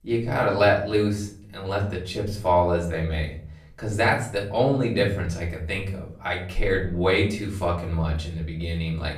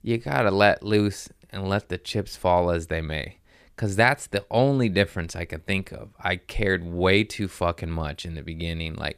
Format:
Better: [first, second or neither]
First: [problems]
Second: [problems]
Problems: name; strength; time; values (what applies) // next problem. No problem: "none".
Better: second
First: off-mic speech; far // room echo; slight; dies away in 0.6 s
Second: none